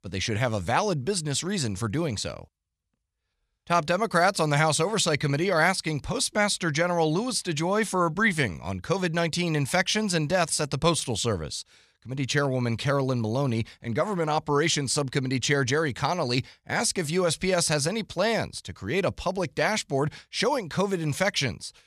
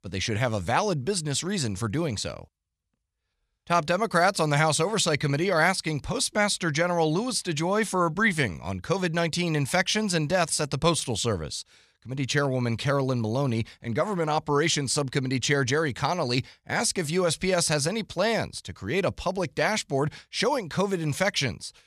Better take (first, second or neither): neither